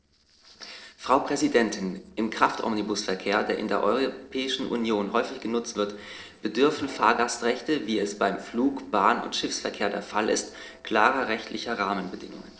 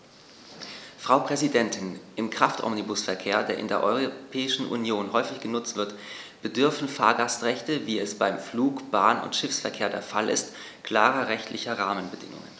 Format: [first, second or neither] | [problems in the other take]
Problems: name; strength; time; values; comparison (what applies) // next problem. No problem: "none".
second | noise reduction (neural separator model SepFormer DNS4)